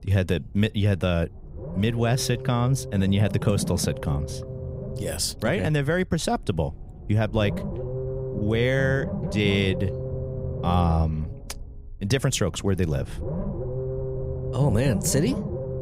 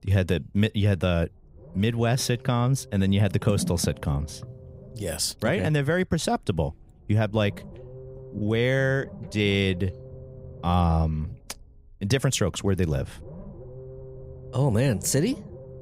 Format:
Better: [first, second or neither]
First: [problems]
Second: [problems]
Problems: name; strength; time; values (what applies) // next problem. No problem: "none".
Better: second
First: low rumble; loud; throughout; 9 dB below the speech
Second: low rumble; faint; throughout; 20 dB below the speech